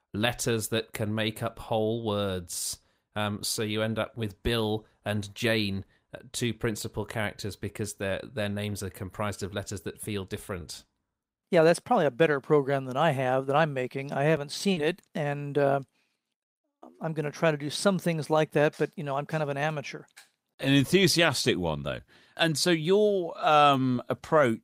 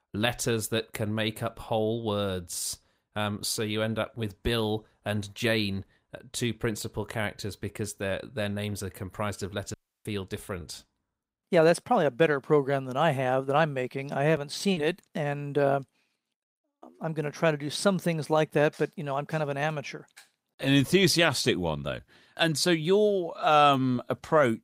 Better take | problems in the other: first | audio cutting out; at 9.5 s

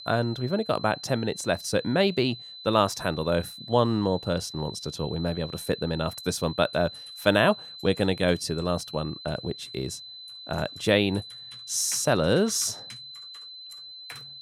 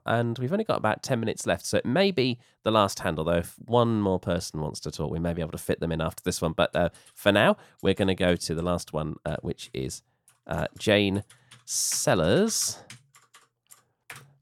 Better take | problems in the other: second | high-pitched whine; noticeable; throughout; 4 kHz, 15 dB below the speech

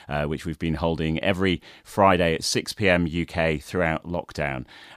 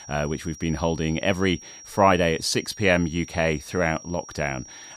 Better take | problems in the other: first | high-pitched whine; noticeable; throughout; 5.5 kHz, 15 dB below the speech

